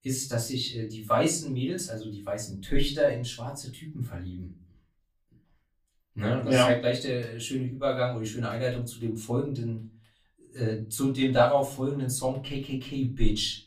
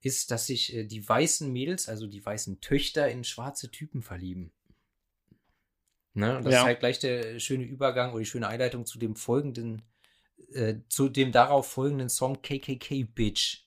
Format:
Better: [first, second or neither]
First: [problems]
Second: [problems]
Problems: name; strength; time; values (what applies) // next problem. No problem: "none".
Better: second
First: off-mic speech; far // room echo; very slight; dies away in 0.3 s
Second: none